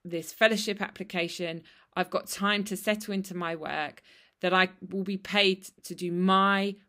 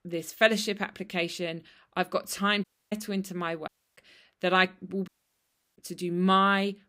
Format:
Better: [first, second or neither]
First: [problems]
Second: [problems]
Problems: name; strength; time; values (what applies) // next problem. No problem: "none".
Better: first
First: none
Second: audio cutting out; at 2.5 s, at 3.5 s and at 5 s for 0.5 s